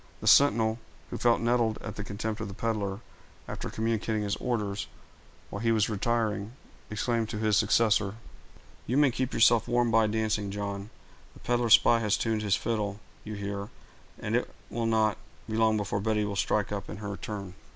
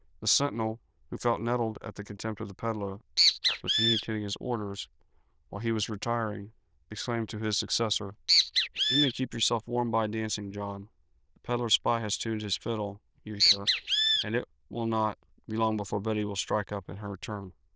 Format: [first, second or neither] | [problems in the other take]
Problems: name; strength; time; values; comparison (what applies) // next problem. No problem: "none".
first | noise reduction (neural diffusion model UNIVERSE++)